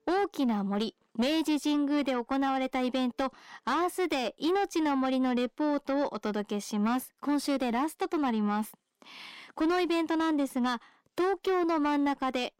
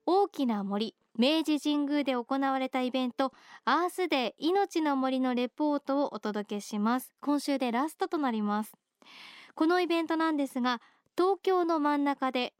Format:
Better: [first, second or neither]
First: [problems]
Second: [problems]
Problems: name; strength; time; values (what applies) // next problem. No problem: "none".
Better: second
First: distortion; slight; 10 dB below the speech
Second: none